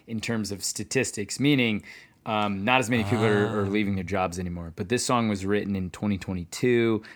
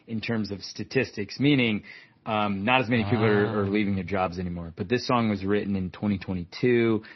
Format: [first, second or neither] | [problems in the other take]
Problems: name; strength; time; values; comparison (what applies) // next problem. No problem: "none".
first | garbled, watery; slightly; nothing above 6 kHz